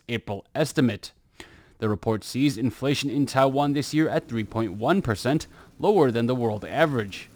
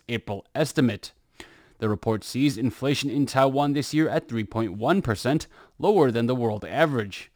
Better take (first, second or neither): second